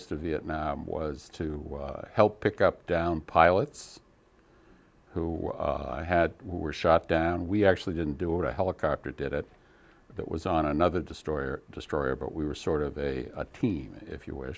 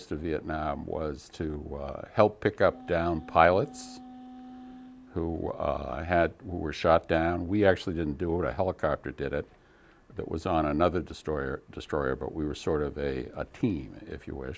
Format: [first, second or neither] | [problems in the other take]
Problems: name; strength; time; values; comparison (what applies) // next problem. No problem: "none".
first | background sound (Wind instrument, woodwind instrument); 18 dB below the speech